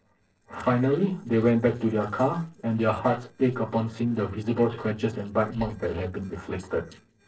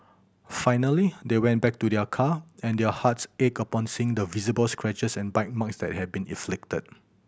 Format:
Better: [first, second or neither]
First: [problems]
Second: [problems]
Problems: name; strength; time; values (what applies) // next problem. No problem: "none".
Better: second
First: noise reduction (neural separator model SepFormer DNS4)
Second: none